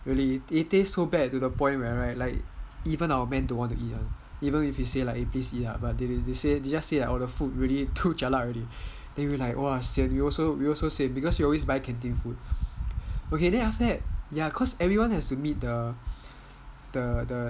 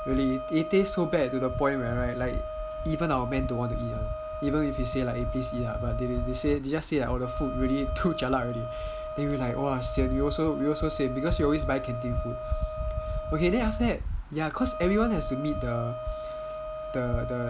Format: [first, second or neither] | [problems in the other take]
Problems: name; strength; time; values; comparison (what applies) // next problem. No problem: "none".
first | background sound (Wind instrument, woodwind instrument); 8 dB below the speech